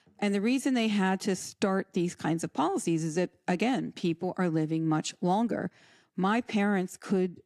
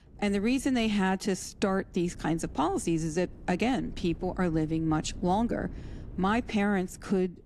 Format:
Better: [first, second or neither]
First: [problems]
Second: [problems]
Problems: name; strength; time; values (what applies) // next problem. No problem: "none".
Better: first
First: none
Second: wind noise on the microphone; occasional gusts; 25 dB below the speech